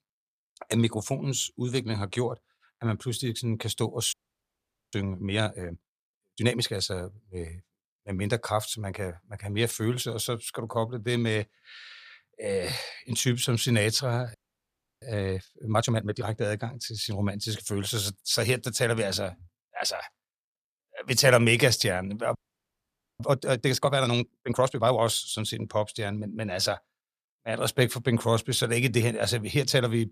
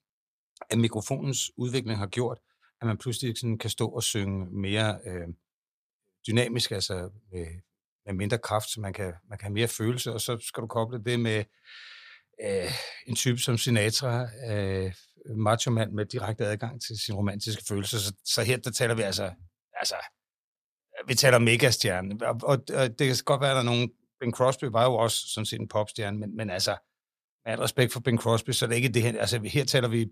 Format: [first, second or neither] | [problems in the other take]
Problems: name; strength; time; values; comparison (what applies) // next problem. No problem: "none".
second | audio freezing; at 4 s for 1 s, at 14 s for 0.5 s and at 22 s for 1 s